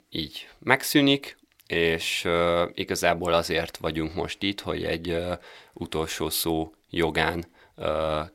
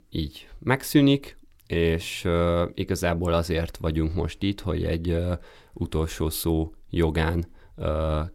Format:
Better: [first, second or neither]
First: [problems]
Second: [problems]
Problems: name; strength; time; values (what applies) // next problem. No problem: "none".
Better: second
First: thin; somewhat; fading below 800 Hz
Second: none